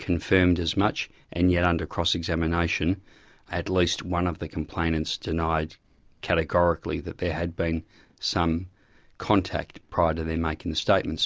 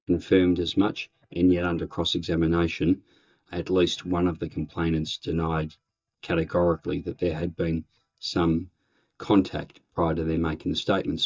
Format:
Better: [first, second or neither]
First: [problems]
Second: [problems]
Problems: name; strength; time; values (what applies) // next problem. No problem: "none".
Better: first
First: none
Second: noise reduction (neural mask model DeepFilterNet 3)